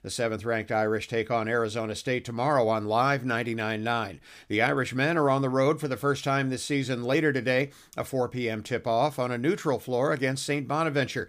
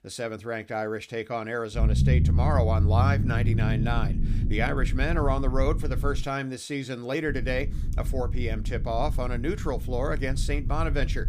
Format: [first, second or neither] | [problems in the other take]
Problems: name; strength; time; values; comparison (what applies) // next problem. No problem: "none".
first | low rumble; noticeable; from 2 to 6 s and from 7.5 s on; 10 dB below the speech